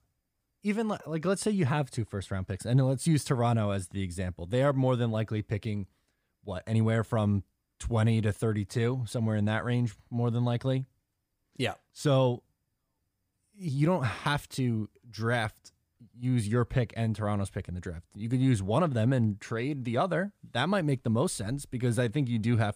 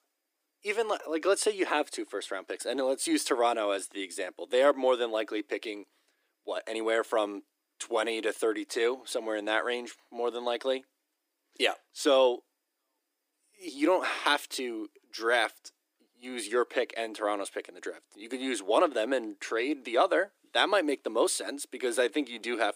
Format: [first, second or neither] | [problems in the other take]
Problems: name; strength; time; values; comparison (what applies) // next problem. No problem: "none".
first | thin; very; fading below 300 Hz